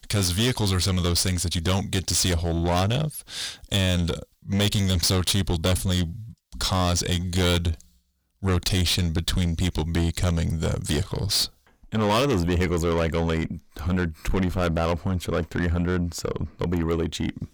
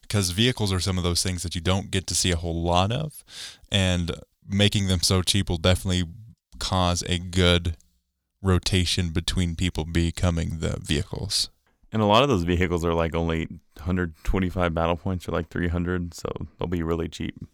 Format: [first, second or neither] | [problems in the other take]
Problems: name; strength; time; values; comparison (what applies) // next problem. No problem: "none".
second | distortion; heavy; 7 dB below the speech